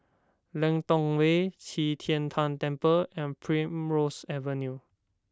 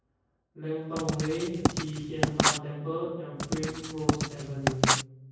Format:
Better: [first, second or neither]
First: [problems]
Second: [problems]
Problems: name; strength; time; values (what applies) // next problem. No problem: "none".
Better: first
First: none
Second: background sound (Writing); 5 dB above the speech // room echo; dies away in 1.3 s